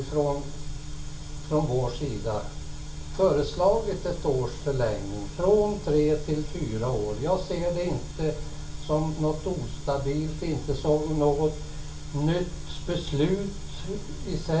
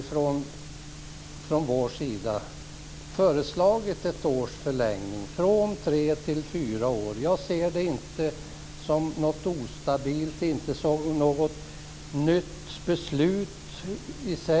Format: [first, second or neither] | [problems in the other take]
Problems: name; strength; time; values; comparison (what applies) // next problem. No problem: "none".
second | room echo; dies away in 0.3 s